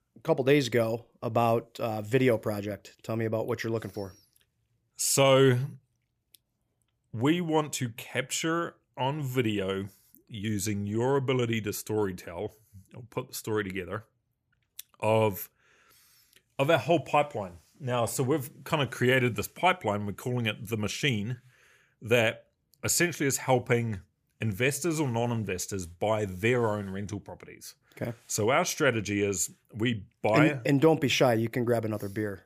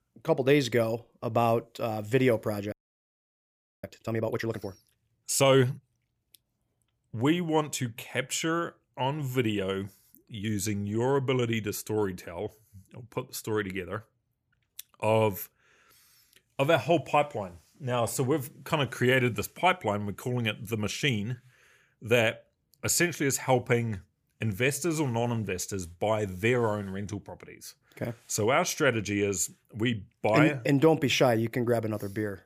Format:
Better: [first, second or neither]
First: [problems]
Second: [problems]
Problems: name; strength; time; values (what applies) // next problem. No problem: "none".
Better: first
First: none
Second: audio freezing; at 2.5 s for 1 s